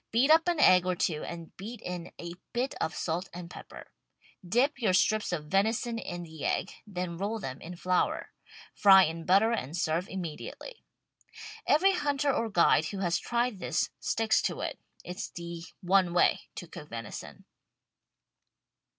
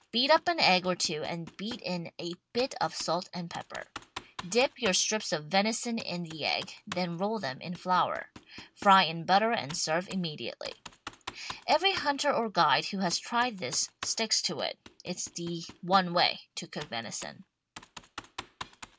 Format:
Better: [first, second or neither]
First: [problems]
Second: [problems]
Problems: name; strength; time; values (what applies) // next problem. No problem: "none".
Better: first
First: none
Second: background sound (Computer keyboard); 19 dB below the speech